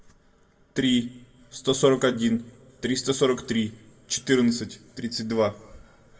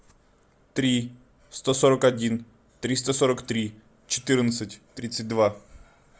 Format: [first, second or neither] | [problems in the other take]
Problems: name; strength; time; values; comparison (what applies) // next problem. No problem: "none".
second | room echo; dies away in 1 s